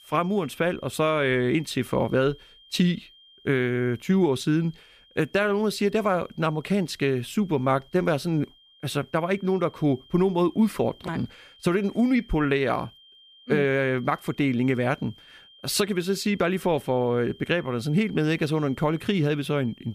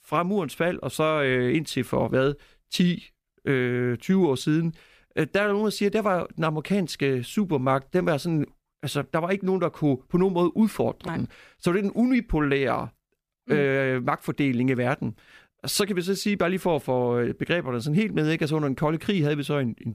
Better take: second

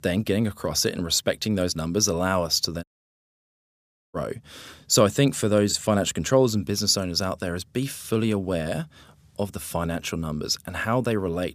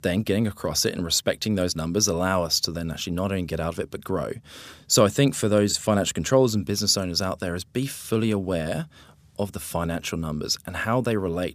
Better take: second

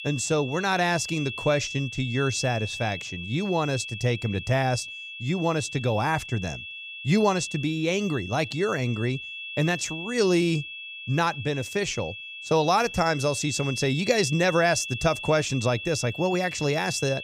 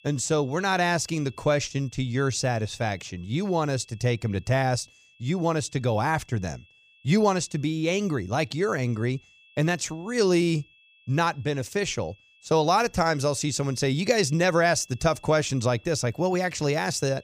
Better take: second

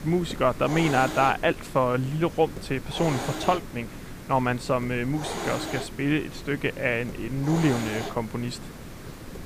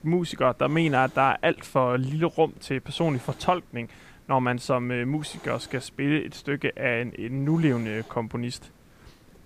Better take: second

